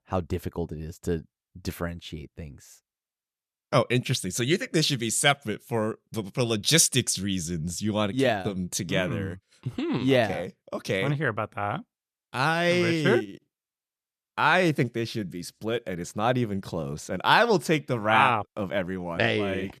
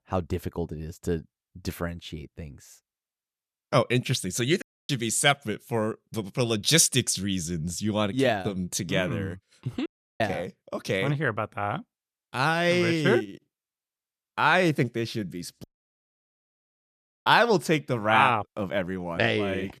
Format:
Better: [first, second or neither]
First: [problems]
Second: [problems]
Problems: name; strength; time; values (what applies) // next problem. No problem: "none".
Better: first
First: none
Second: audio cutting out; at 4.5 s, at 10 s and at 16 s for 1.5 s